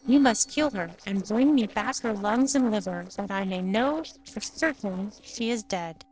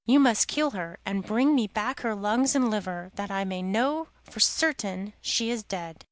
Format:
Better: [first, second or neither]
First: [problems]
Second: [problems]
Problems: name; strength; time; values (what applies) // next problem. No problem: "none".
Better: second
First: noise reduction (neural separator model SepFormer DNS4)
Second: none